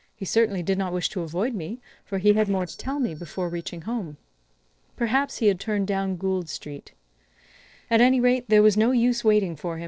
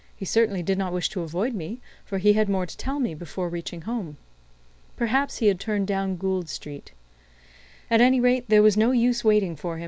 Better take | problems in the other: second | noise reduction (neural separator model SepFormer DNS4)

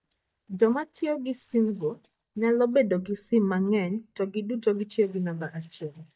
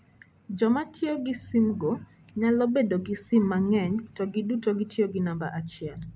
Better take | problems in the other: second | noise reduction (neural mask model DeepFilterNet 3)

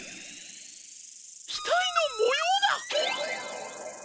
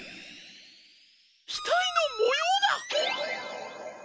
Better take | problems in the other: second | background sound (Insect); 17 dB below the speech

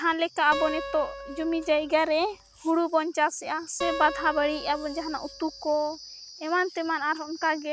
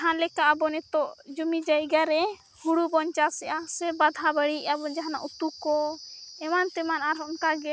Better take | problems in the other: second | background sound (Acoustic guitar); 11 dB below the speech

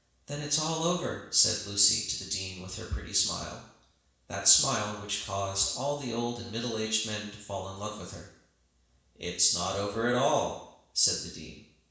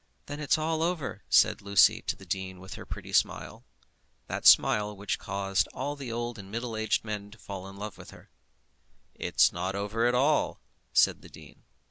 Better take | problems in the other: second | room echo; dies away in 0.7 s

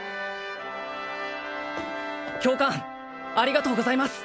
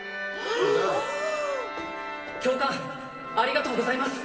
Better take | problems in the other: first | background sound (Breathing); 2 dB above the speech // room echo; dies away in 2.4 s

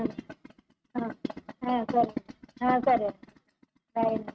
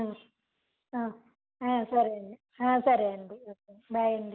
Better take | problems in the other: second | noise reduction (neural mask model RNNoise)

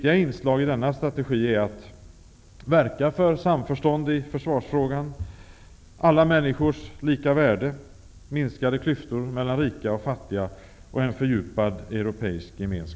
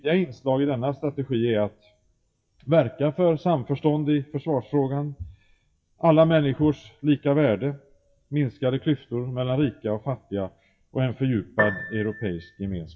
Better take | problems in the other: first | noise reduction (classical method WPE with log-MMSE)

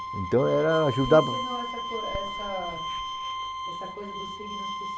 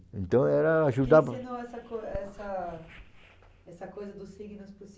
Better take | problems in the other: second | background sound (Bowed string instrument); 6 dB below the speech

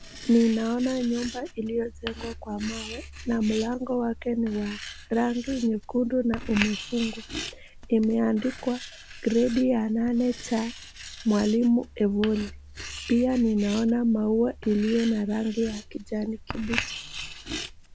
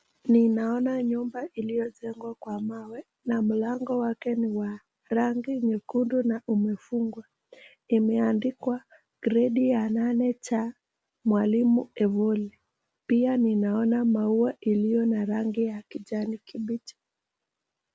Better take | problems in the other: second | background sound (Writing); 13 dB below the speech

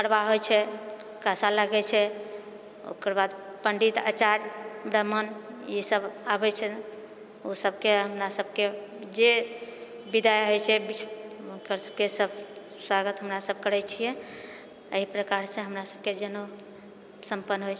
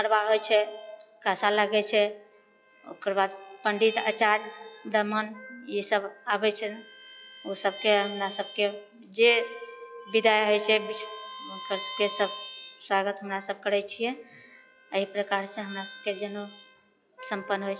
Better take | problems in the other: first | noise reduction (classical method log-MMSE)

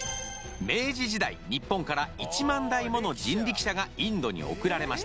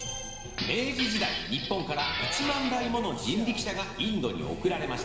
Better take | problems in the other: first | background sound (Glass); 4 dB below the speech // room echo; dies away in 2.1 s

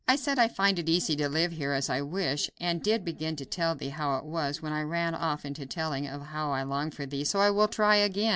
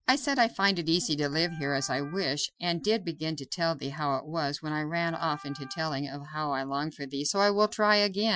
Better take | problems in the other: first | noise reduction (classical method Wiener filter)

